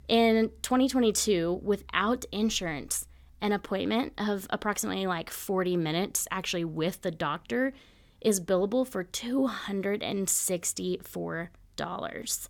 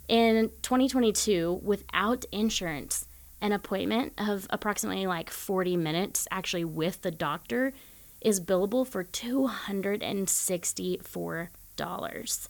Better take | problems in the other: first | hiss; faint; throughout; 20 dB below the speech

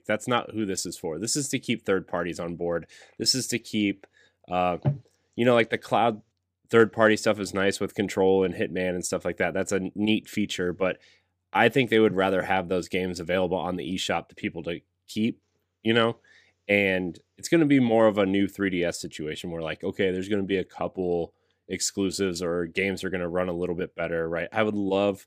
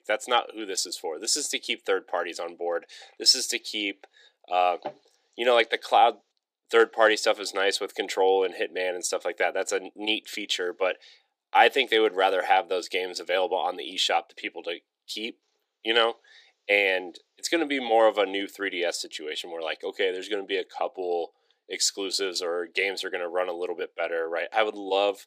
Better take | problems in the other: first | thin; very; fading below 400 Hz

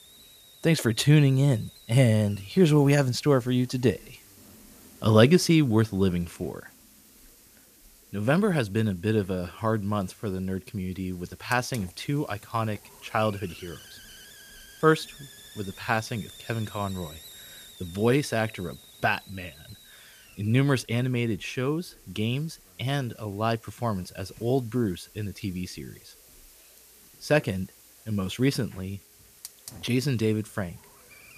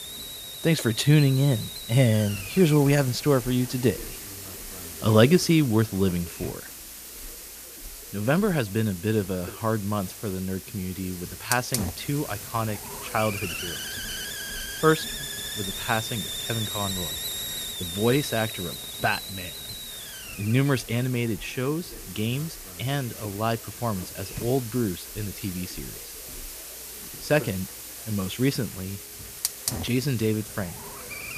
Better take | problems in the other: first | hiss; loud; throughout; 8 dB below the speech; faint in the first

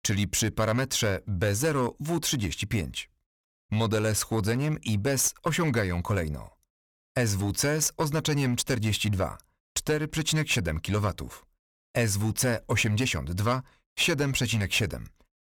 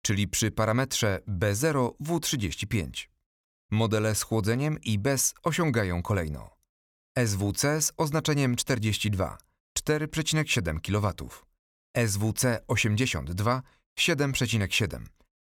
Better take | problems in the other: second | distortion; slight; 5% of the sound clipped

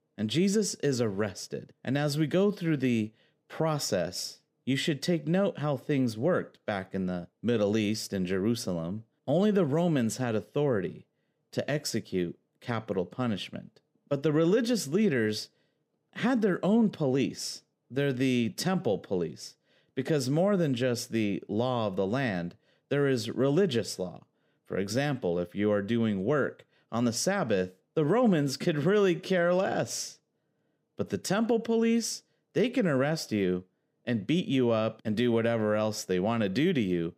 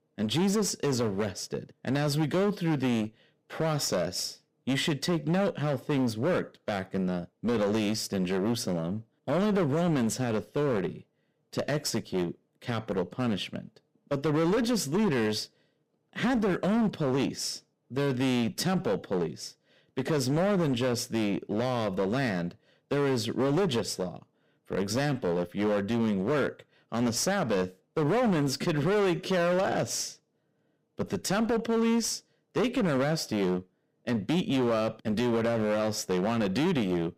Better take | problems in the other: first | distortion; slight; 17% of the sound clipped

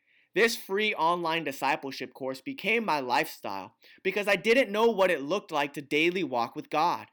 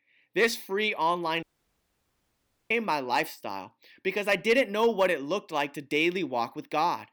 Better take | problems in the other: first | audio cutting out; at 1.5 s for 1.5 s

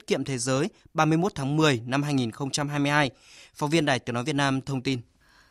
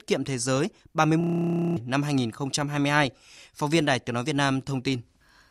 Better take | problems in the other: first | audio freezing; at 1 s for 0.5 s

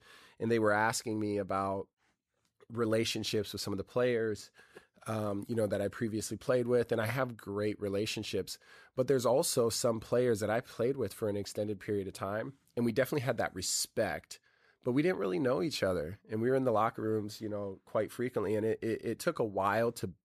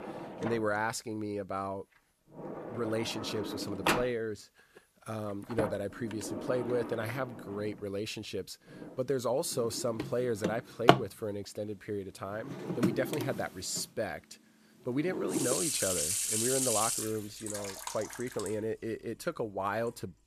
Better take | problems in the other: first | household noises; very loud; throughout; 2 dB above the speech

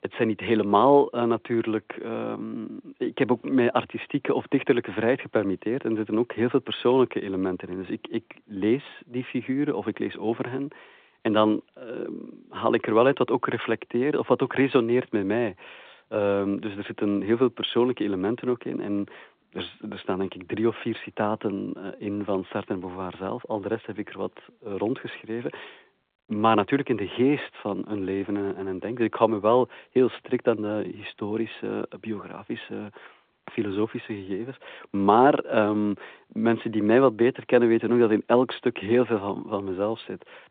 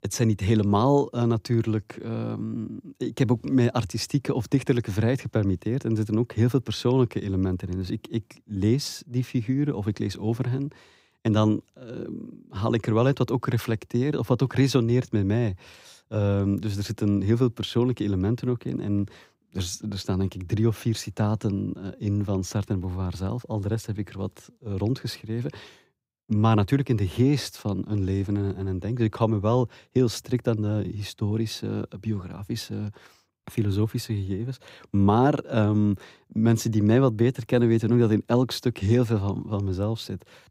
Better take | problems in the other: second | phone-call audio; nothing above 3.5 kHz

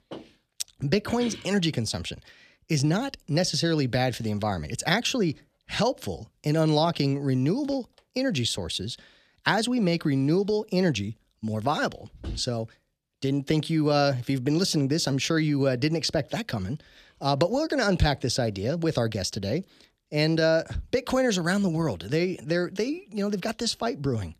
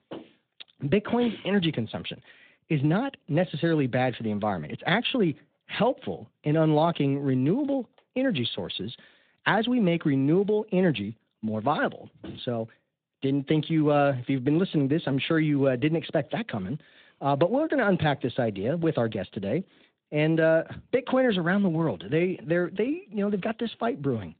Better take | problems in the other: first | phone-call audio; nothing above 4 kHz

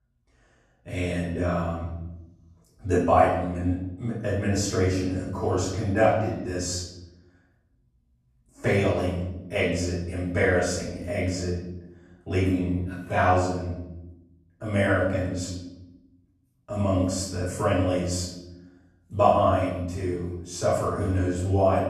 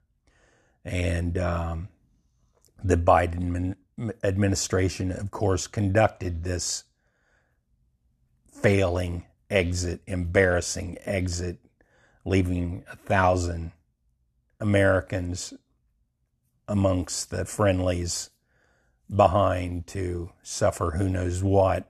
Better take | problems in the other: second | off-mic speech; far // room echo; noticeable; dies away in 0.9 s

